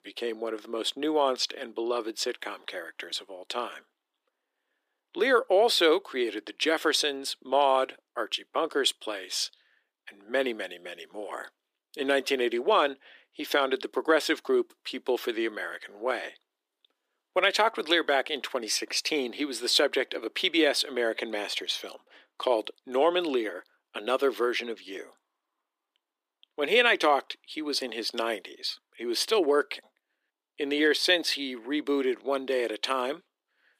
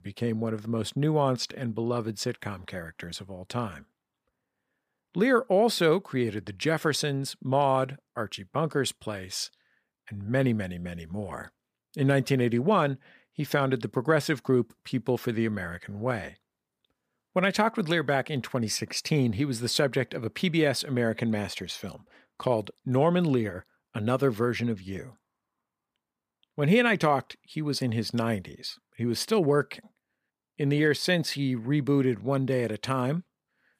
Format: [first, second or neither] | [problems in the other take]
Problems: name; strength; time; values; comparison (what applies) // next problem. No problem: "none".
second | thin; somewhat; fading below 300 Hz